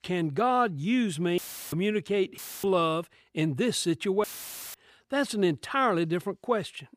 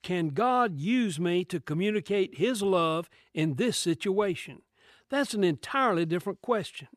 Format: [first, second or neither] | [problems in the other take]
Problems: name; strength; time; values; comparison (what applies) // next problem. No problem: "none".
second | audio cutting out; filled with static; at 1.5 s, at 2.5 s and at 4 s for 0.5 s